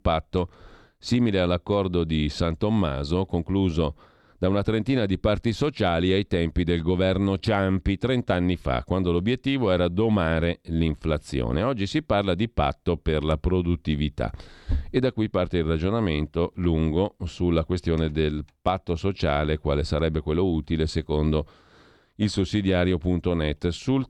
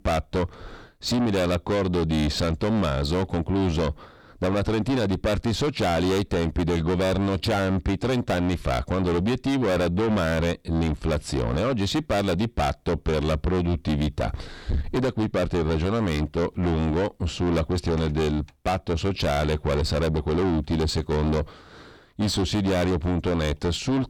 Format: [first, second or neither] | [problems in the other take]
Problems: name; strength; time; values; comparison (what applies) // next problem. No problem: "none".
first | distortion; heavy; 6 dB below the speech